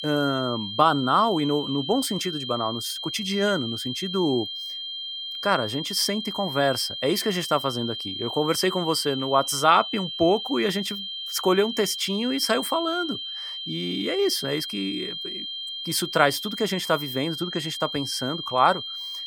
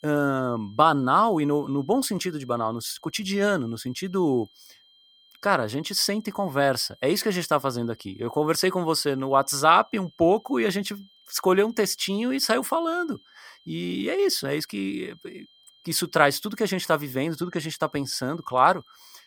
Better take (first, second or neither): second